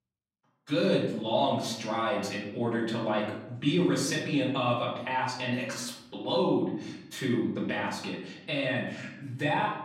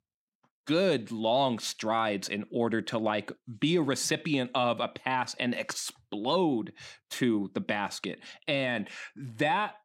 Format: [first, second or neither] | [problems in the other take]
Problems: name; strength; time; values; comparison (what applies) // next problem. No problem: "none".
second | off-mic speech; far // room echo; noticeable; dies away in 0.8 s